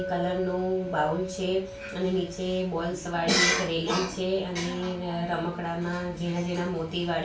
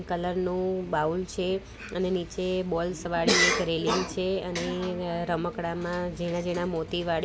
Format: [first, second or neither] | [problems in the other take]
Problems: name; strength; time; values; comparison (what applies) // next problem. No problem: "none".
second | background sound (Chink, clink); 13 dB below the speech // room echo; dies away in 0.2 s